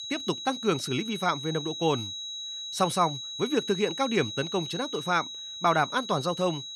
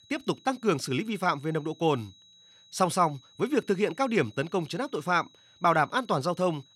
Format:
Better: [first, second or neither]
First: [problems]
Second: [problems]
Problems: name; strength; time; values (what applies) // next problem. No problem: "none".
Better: second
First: high-pitched whine; loud; throughout; 4 kHz, 7 dB below the speech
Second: high-pitched whine; faint; throughout; 4 kHz, 25 dB below the speech